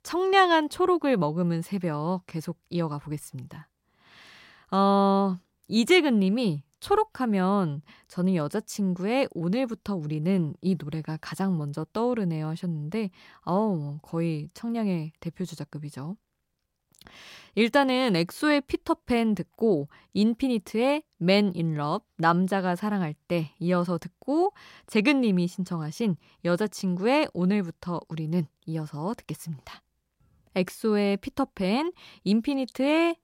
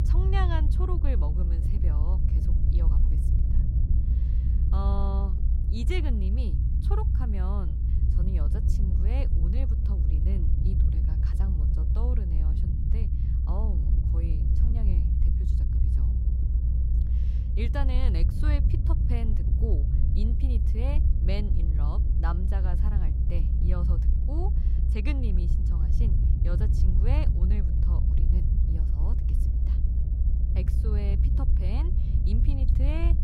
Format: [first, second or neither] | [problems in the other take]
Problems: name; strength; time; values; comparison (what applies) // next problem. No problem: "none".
first | low rumble; loud; throughout; 2 dB below the speech